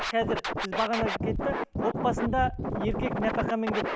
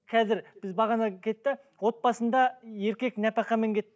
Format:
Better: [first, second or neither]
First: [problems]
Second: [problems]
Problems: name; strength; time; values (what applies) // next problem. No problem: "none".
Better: second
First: background sound (Scratching (performance technique)); 1 dB below the speech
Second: none